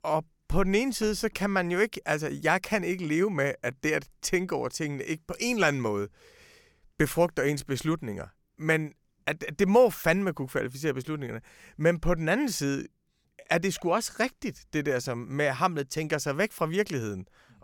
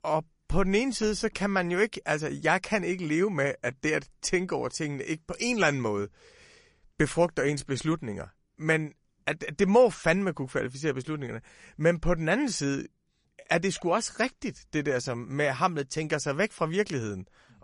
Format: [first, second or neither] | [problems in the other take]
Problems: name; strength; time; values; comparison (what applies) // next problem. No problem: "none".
first | garbled, watery; slightly; nothing above 10.5 kHz